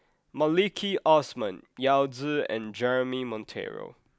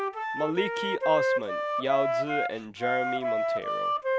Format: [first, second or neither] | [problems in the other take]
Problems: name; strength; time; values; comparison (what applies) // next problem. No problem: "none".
first | background sound (Wind instrument, woodwind instrument); 3 dB above the speech